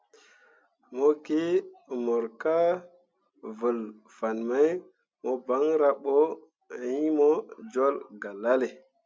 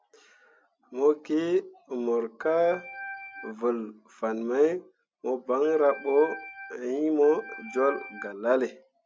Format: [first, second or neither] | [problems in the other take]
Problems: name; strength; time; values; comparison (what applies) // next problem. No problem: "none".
first | background sound (Organ); 13 dB below the speech